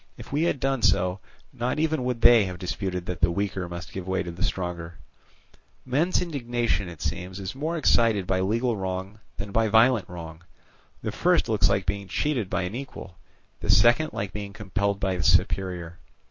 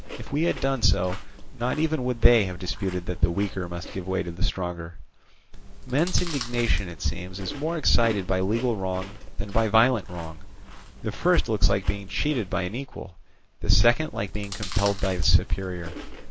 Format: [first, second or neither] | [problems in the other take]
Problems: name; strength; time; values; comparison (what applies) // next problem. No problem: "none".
first | background sound (Chewing, mastication); 12 dB below the speech